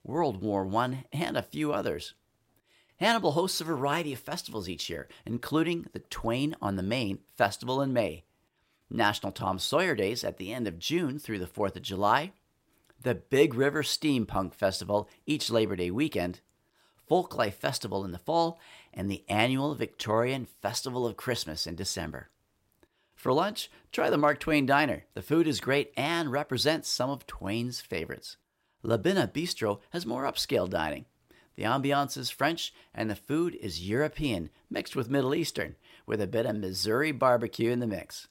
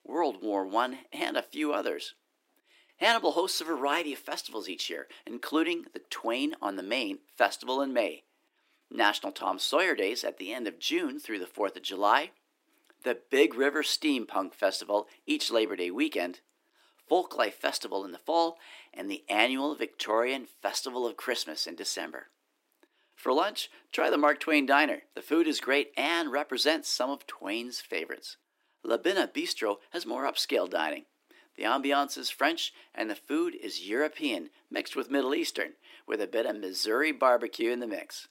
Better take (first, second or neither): first